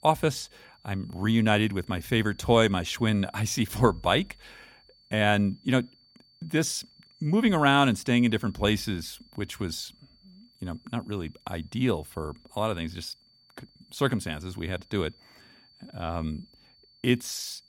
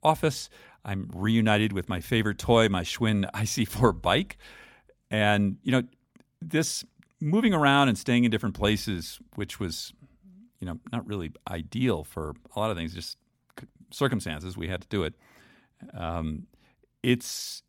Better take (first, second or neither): second